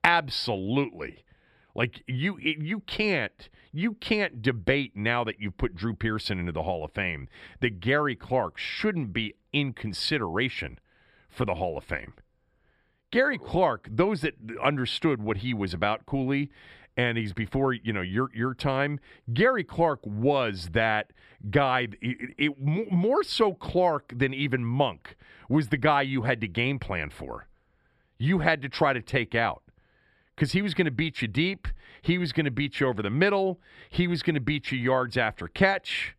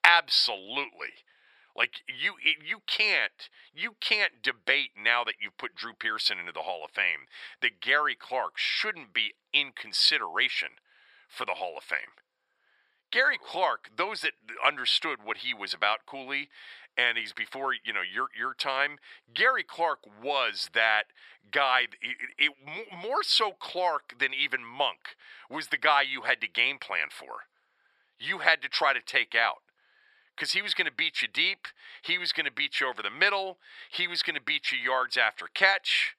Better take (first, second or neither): first